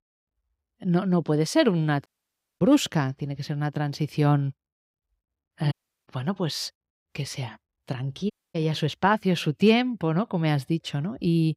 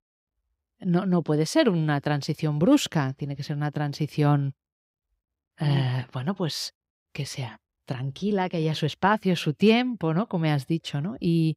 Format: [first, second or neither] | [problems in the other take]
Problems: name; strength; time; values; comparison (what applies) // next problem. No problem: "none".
second | audio cutting out; at 2 s for 0.5 s, at 5.5 s and at 8.5 s